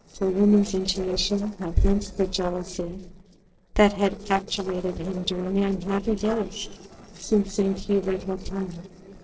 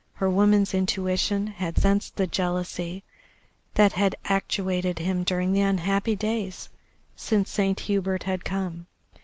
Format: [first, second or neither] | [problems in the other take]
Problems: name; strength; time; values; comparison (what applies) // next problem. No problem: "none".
second | noise reduction (neural separator model SepFormer DNS4)